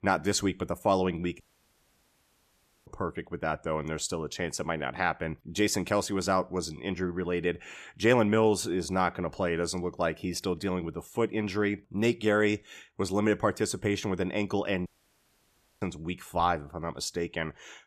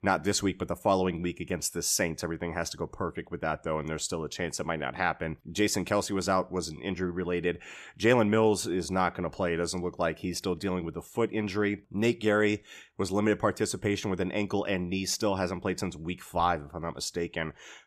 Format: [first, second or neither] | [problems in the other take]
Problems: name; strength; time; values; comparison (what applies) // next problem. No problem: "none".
second | audio cutting out; at 1.5 s for 1.5 s and at 15 s for 1 s